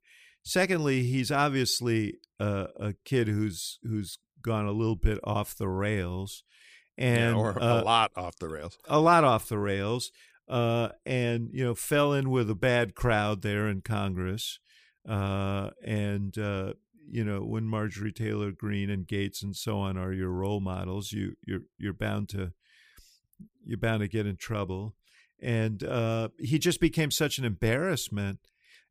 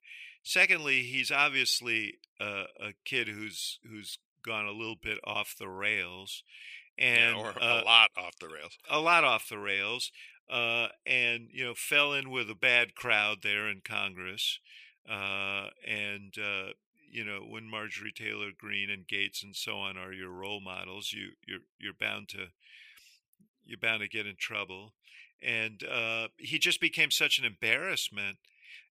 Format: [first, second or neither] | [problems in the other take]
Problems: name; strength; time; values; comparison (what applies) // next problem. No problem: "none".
first | thin; somewhat; fading below 850 Hz